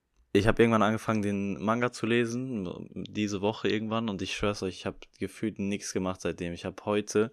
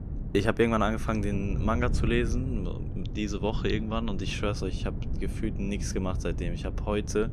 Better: first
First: none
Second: wind noise on the microphone; occasional gusts; 15 dB below the speech

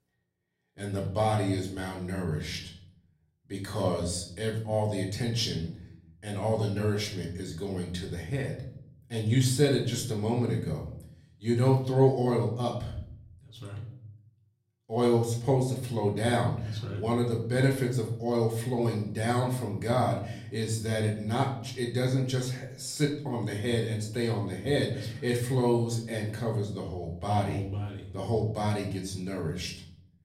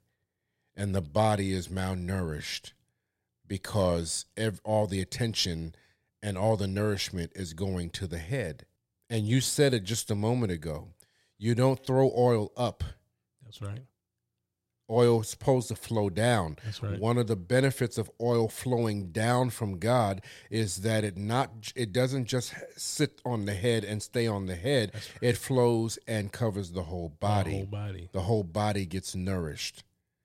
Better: second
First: off-mic speech; far // room echo; slight; dies away in 0.6 s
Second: none

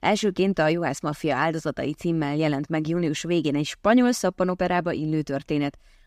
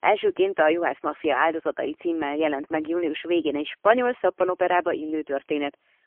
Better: first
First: none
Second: phone-call audio; poor line; nothing above 3.5 kHz

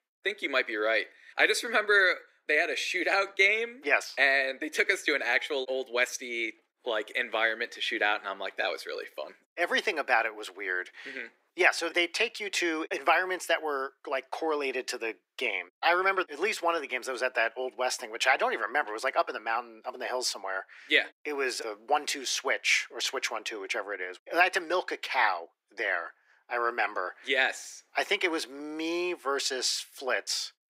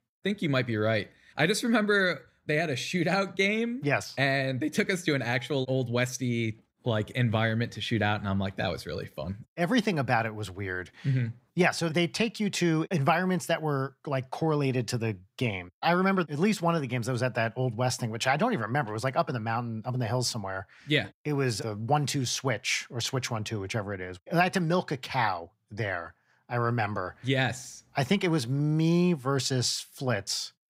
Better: second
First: thin; very; fading below 350 Hz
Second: none

